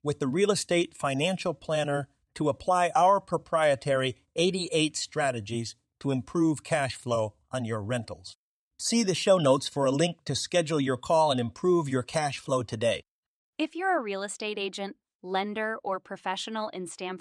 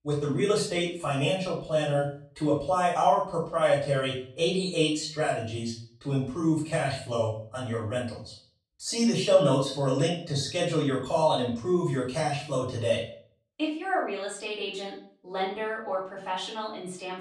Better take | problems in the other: first | off-mic speech; far // room echo; noticeable; dies away in 0.4 s

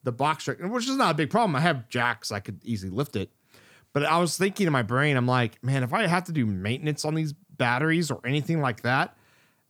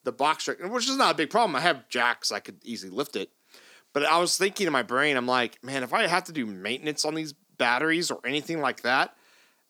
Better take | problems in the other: first | thin; somewhat; fading below 300 Hz

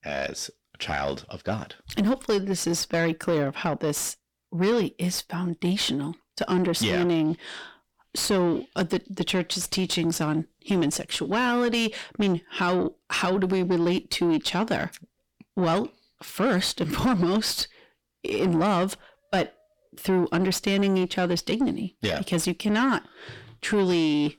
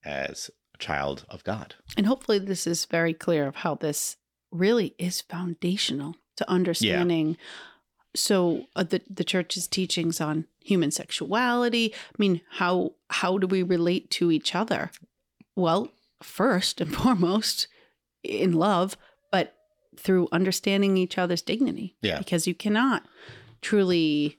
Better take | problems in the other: second | distortion; slight; 10 dB below the speech

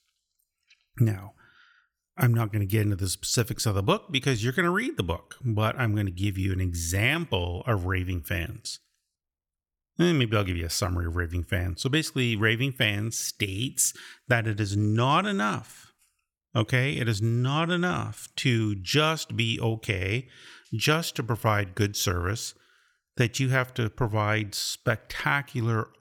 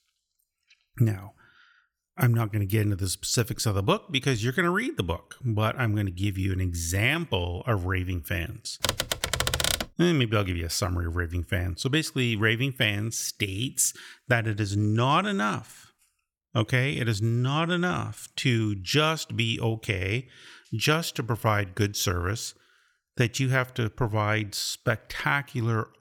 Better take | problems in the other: first | keyboard typing; loud; from 9 to 10 s; peak 2 dB above the speech

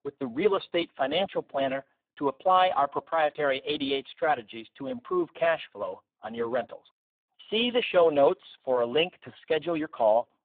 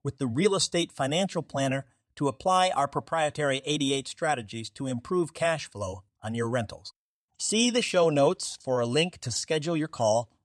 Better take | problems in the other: second | phone-call audio; poor line

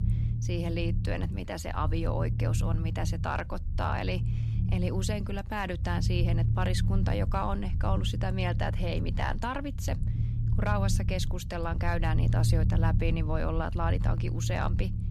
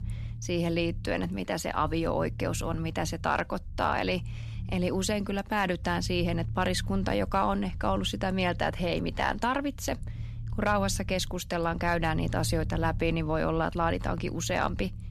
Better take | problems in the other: second | low rumble; loud; throughout; 9 dB below the speech; faint in the second

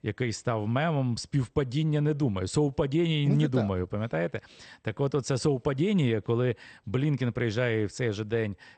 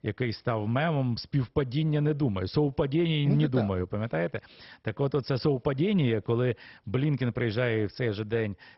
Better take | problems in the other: first | garbled, watery; badly; nothing above 5.5 kHz; slightly in the first

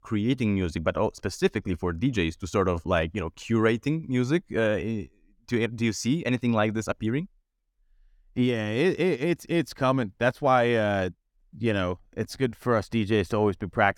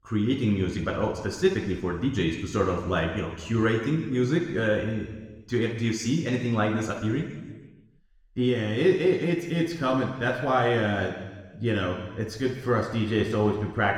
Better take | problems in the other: first | room echo; noticeable; dies away in 1.3 s // off-mic speech; somewhat distant

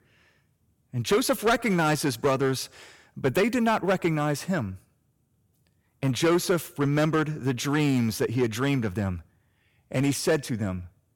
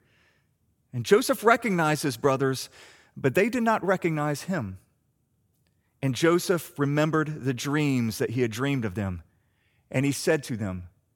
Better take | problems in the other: second | distortion; slight; 4% of the sound clipped

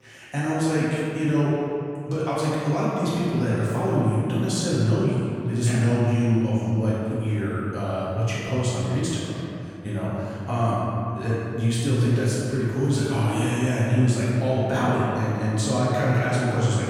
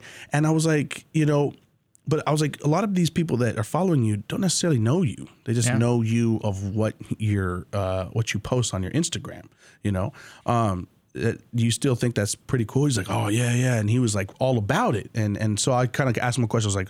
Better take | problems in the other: second | off-mic speech; far // room echo; strong; dies away in 2.5 s

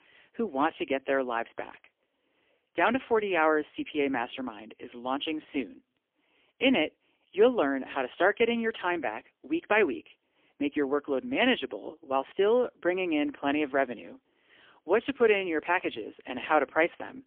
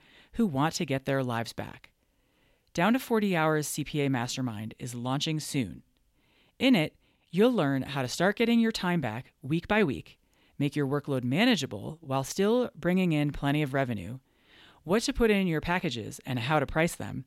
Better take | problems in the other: second | phone-call audio; poor line; nothing above 3.5 kHz

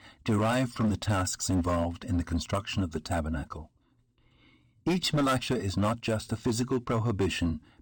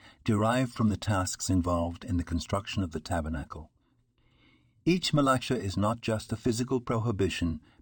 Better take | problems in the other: second | distortion; slight; 8% of the sound clipped

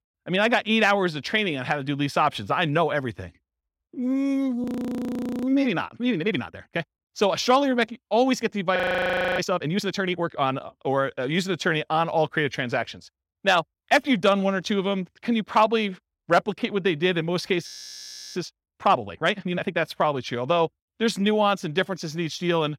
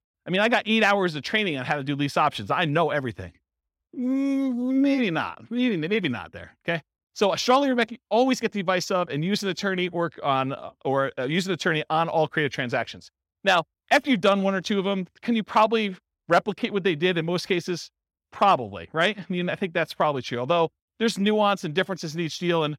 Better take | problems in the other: second | audio freezing; at 4.5 s for 1 s, at 9 s for 0.5 s and at 18 s for 0.5 s

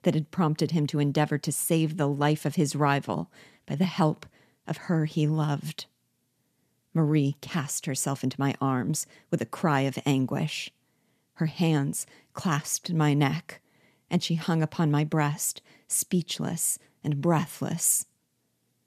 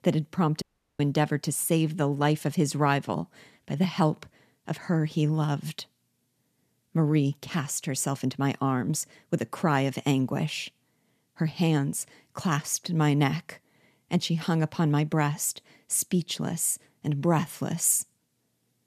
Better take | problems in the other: first | audio cutting out; at 0.5 s

